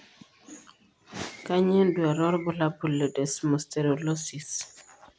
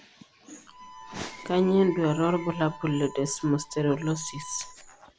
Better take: first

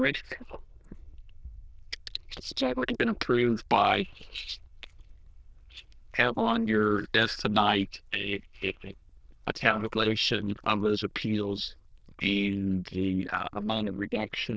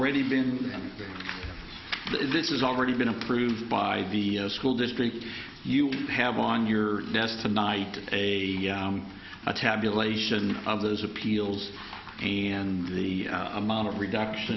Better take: second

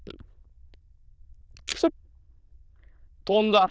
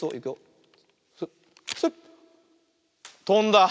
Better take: second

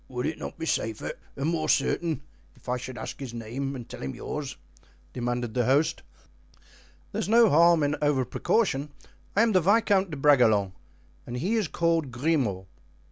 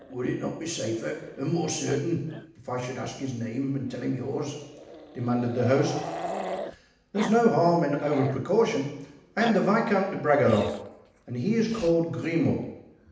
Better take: first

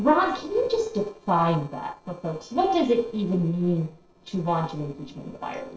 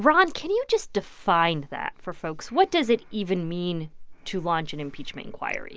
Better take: second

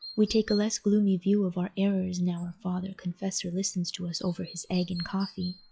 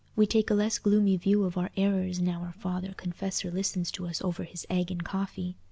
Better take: second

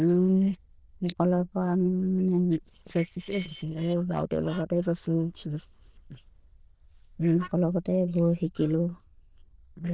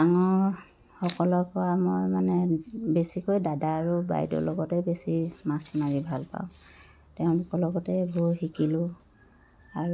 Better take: second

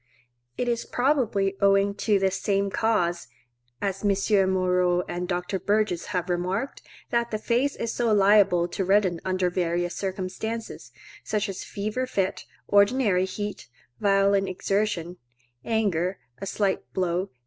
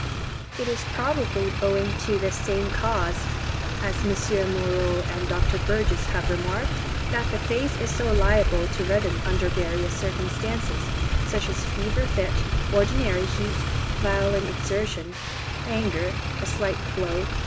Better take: first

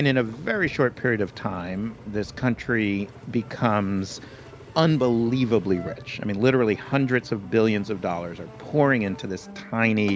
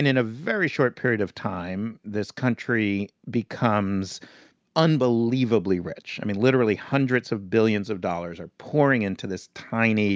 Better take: second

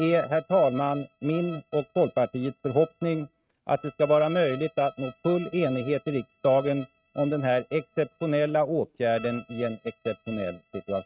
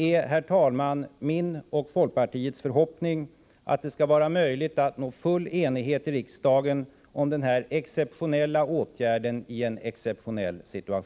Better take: second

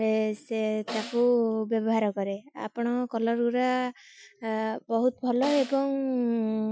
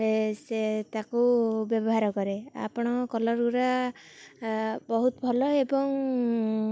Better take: second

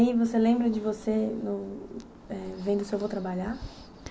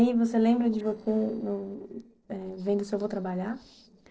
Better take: first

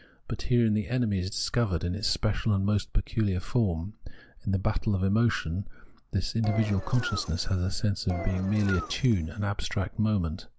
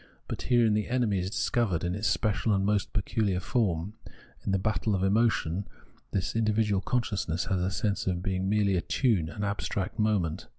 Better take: second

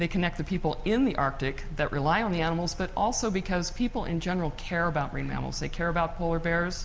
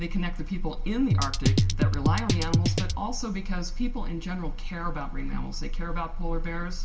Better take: first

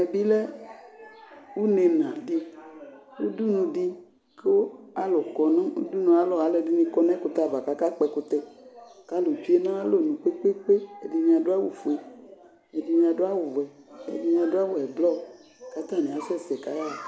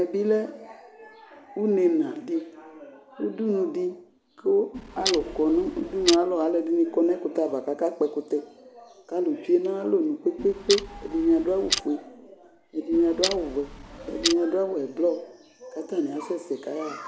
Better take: first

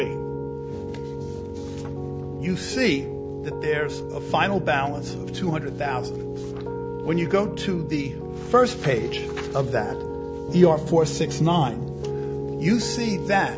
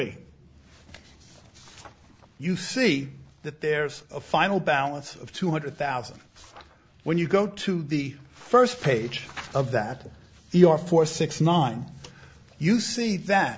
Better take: second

